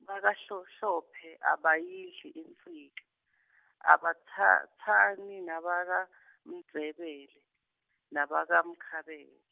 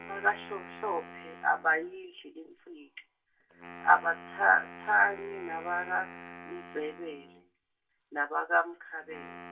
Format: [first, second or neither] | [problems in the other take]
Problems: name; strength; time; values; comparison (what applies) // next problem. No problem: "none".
first | background sound (Wind instrument, woodwind instrument); 16 dB below the speech // room echo; dies away in 0.2 s